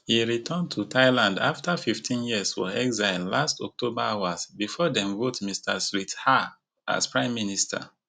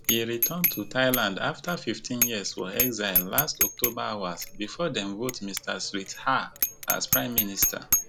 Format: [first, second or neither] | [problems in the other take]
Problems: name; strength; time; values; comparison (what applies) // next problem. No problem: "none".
first | background sound (Bicycle bell); as loud as the speech